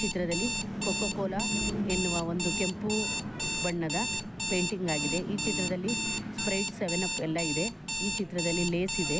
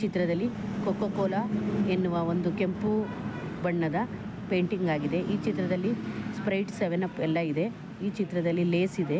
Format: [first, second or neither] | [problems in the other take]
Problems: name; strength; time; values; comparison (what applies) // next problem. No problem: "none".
second | background sound (Alarm); 2 dB below the speech